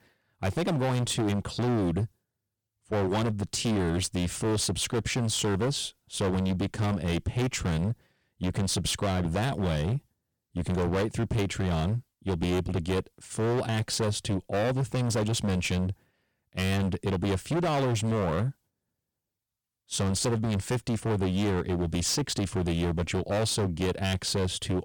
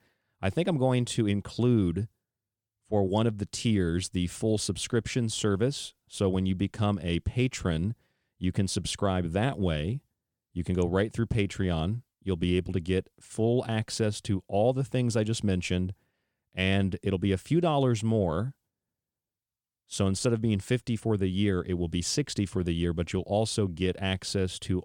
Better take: second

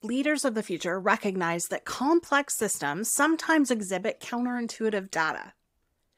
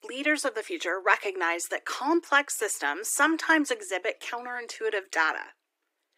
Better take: first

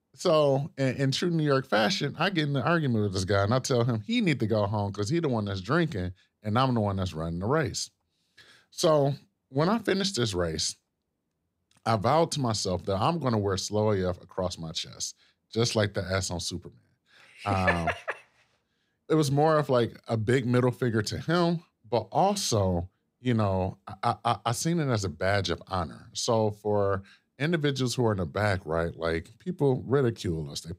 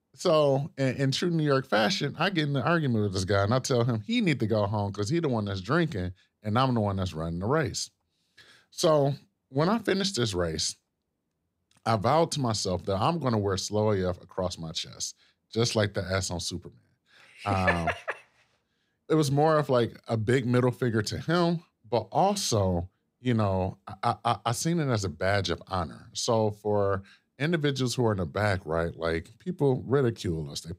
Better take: neither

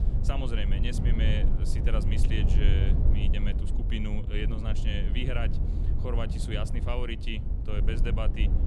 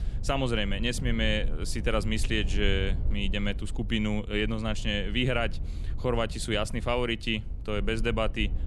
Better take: second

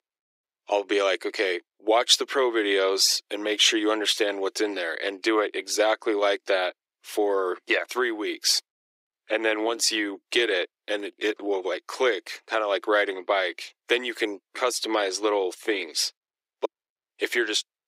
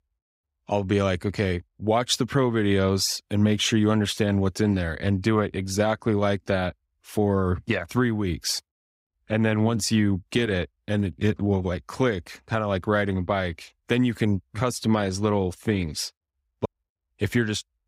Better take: second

